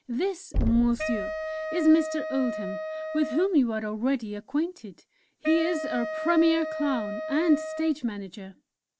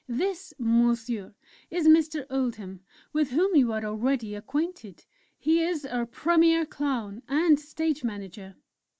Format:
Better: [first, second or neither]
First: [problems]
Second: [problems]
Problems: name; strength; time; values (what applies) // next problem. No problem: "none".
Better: second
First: background sound (Knock + Wind instrument, woodwind instrument); 6 dB below the speech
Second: none